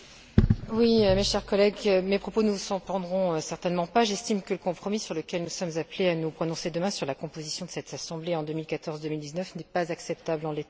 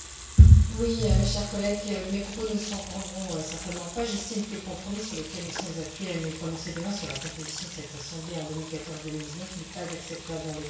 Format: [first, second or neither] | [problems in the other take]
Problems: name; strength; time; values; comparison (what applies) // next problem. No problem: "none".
first | background sound (Sink (filling or washing) / Water tap, faucet); 15 dB below the speech // room echo; dies away in 0.6 s